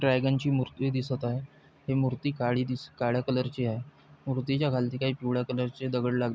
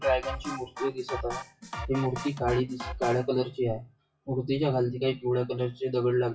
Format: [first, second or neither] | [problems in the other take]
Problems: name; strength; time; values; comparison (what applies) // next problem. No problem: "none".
first | noise reduction (classical method WPE with log-MMSE)